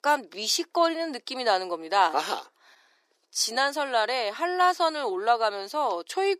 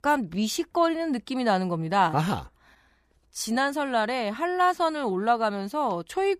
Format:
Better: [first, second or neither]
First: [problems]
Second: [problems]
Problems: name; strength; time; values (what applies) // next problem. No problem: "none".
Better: second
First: thin; very; fading below 350 Hz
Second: none